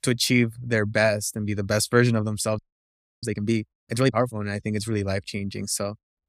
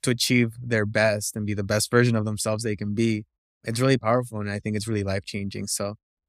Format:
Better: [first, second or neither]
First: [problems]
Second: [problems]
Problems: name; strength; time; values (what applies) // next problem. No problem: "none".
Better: second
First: audio freezing; at 2.5 s for 0.5 s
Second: none